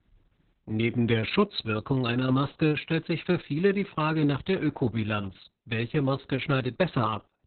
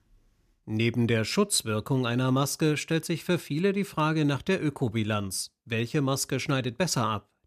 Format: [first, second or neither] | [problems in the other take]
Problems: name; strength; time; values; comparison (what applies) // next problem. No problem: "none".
second | garbled, watery; badly; nothing above 4 kHz